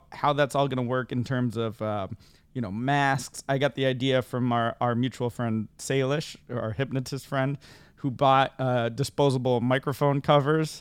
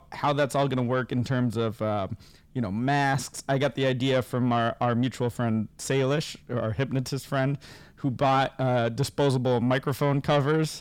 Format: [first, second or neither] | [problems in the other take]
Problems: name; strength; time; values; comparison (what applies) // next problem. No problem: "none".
first | distortion; slight; 10 dB below the speech